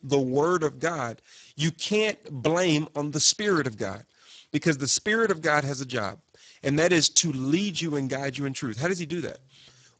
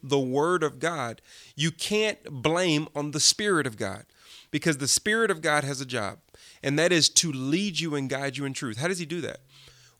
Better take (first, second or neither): second